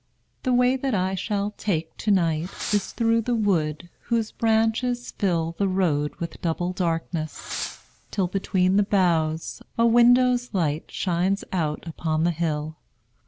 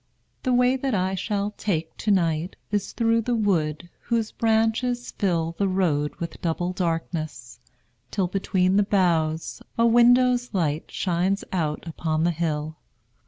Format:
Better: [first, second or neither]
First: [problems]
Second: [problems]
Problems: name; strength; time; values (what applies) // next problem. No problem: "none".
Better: second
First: background sound (Fireworks); 17 dB below the speech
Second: none